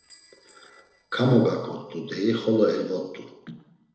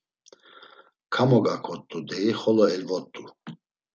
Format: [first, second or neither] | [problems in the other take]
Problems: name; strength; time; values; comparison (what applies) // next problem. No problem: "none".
second | noise reduction (neural separator model SepFormer DNS4)